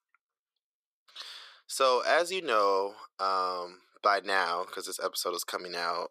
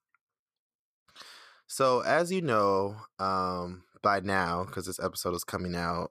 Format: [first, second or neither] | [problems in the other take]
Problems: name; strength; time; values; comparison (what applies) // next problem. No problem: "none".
second | thin; very; fading below 400 Hz